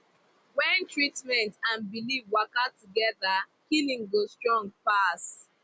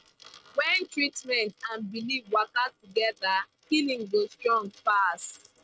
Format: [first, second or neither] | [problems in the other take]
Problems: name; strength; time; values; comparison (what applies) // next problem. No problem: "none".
first | noise reduction (neural mask model RNNoise)